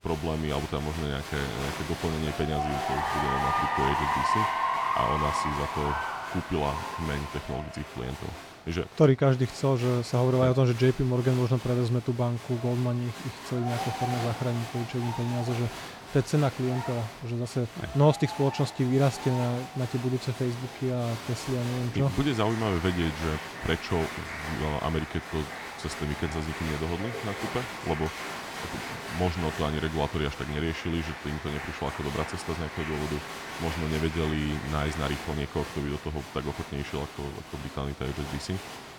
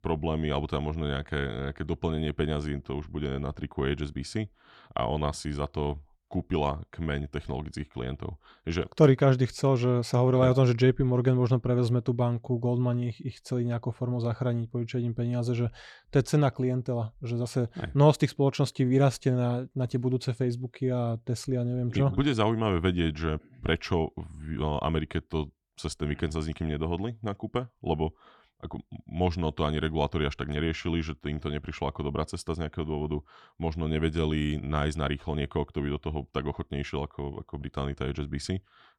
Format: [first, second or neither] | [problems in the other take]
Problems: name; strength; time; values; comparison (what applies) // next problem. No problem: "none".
second | crowd noise; loud; throughout; 5 dB below the speech